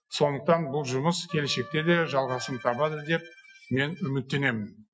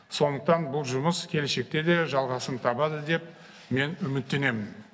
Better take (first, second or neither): second